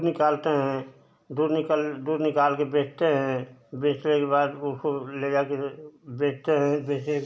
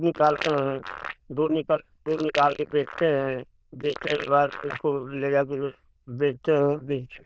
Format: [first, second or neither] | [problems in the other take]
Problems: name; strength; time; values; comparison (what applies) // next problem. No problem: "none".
first | noise reduction (neural diffusion model UNIVERSE++)